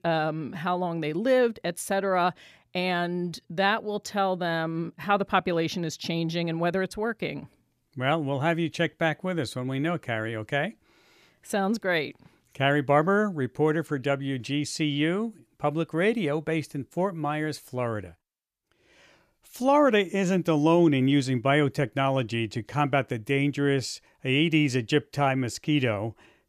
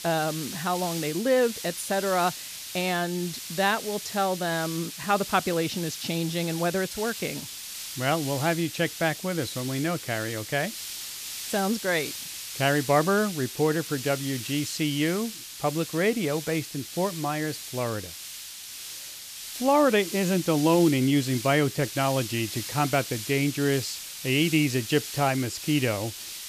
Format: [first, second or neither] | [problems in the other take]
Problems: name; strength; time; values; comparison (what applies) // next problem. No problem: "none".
first | hiss; loud; throughout; 8 dB below the speech